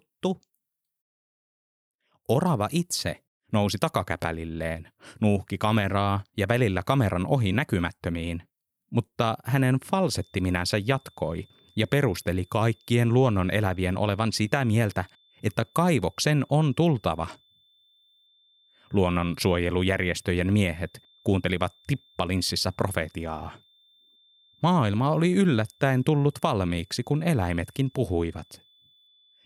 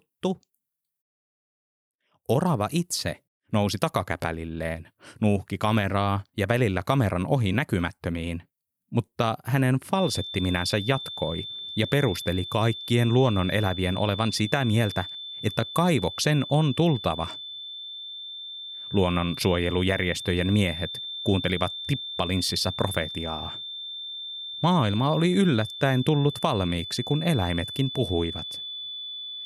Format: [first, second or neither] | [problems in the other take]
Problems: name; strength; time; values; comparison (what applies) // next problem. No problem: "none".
first | high-pitched whine; loud; from 10 s on; 3.5 kHz, 8 dB below the speech; faint in the first